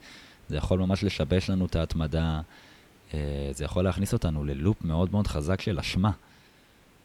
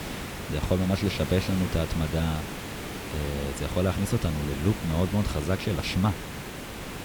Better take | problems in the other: first | hiss; loud; throughout; 8 dB below the speech; faint in the first

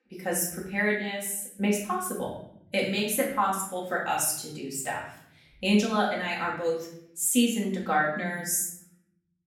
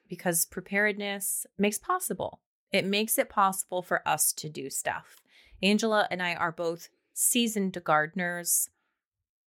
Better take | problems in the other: second | off-mic speech; far // room echo; noticeable; dies away in 0.7 s

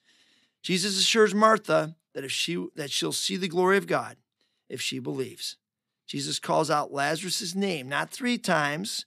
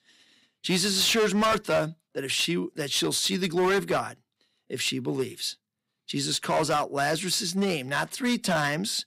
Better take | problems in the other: first | distortion; heavy; 8% of the sound clipped

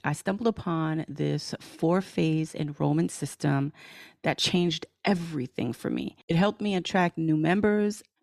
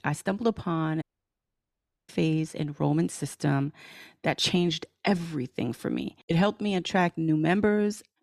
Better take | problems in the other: first | audio cutting out; at 1 s for 1 s

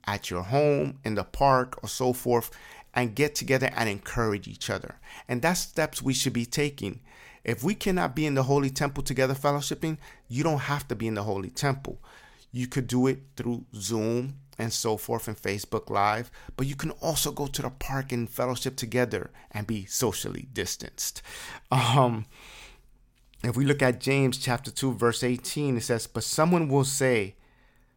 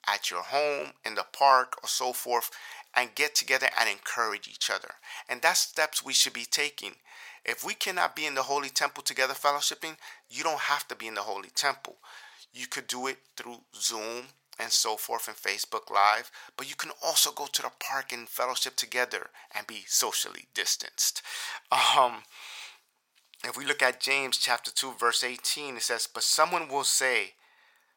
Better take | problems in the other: first | thin; very; fading below 900 Hz

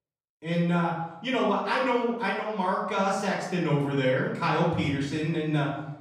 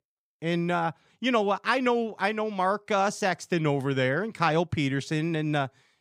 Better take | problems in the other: second | off-mic speech; far // room echo; noticeable; dies away in 0.8 s

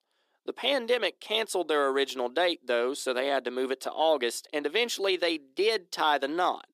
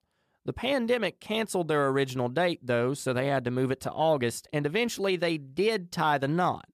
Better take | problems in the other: second | thin; somewhat; fading below 300 Hz

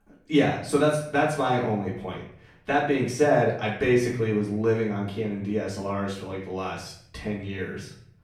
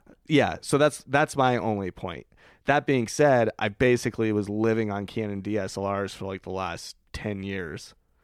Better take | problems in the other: second | off-mic speech; far // room echo; noticeable; dies away in 0.5 s

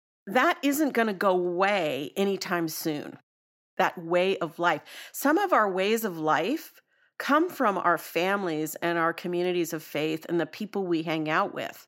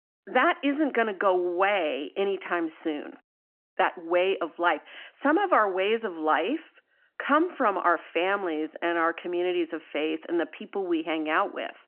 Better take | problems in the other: first | phone-call audio

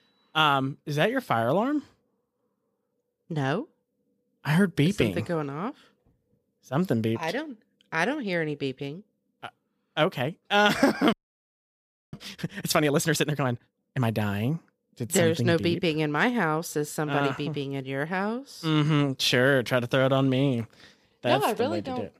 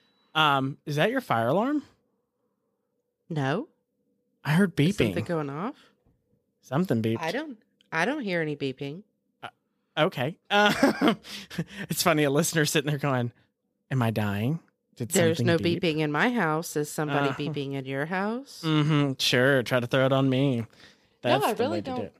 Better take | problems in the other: second | audio freezing; at 11 s for 1 s

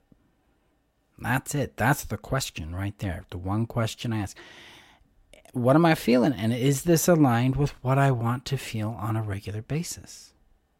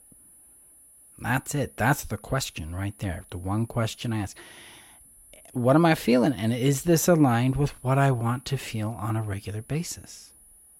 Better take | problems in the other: first | high-pitched whine; faint; throughout; 10 kHz, 25 dB below the speech

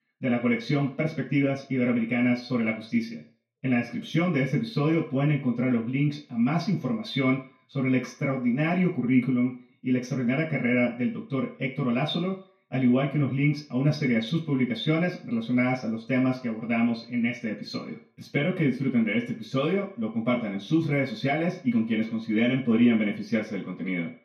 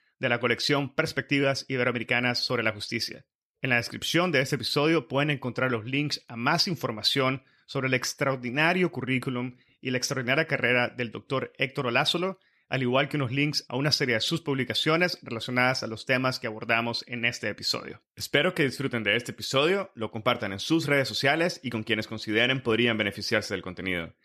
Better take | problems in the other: second | room echo; slight; dies away in 0.4 s // off-mic speech; far

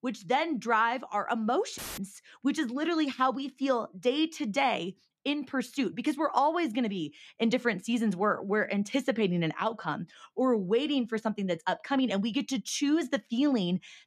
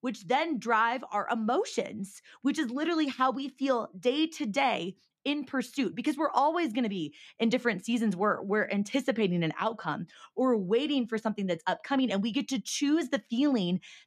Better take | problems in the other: second | audio cutting out; filled with static; at 2 s

